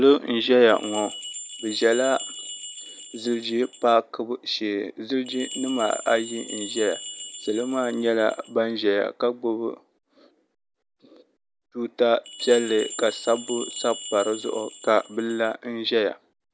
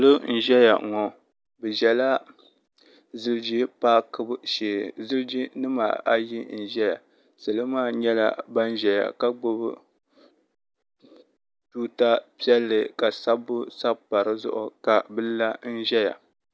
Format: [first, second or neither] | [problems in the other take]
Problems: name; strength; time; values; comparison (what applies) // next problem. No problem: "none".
second | background sound (Bell); 12 dB below the speech